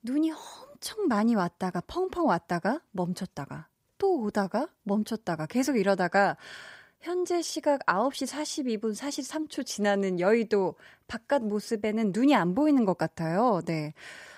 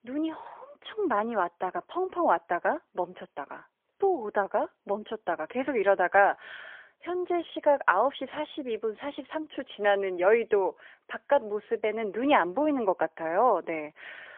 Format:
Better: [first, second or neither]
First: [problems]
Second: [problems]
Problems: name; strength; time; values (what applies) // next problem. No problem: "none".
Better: first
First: none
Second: phone-call audio; poor line; nothing above 3.5 kHz